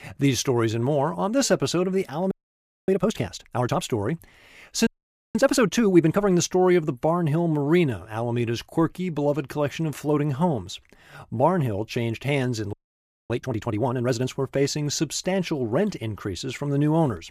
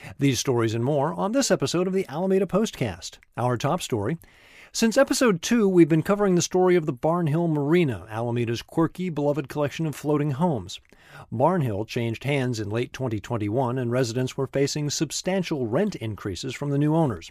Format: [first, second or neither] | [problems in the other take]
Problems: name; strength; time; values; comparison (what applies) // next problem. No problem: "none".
second | audio freezing; at 2.5 s for 0.5 s, at 5 s and at 13 s for 0.5 s